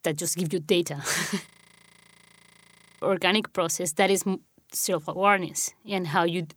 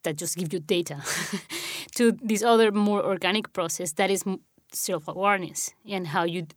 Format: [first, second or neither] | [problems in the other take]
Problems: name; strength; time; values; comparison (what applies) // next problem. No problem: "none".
second | audio freezing; at 1.5 s for 1.5 s